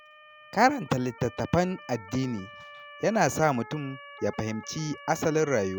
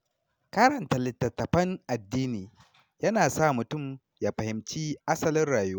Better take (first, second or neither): second